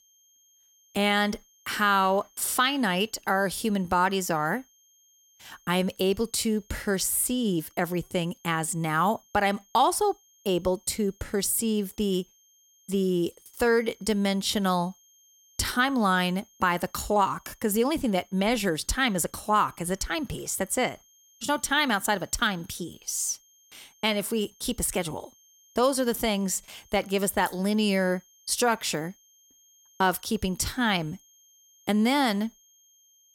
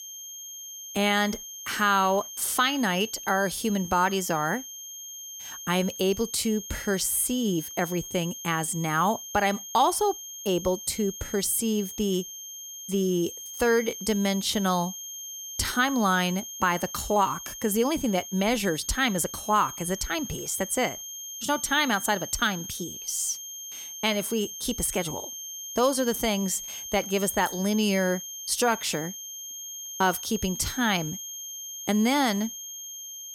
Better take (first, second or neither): first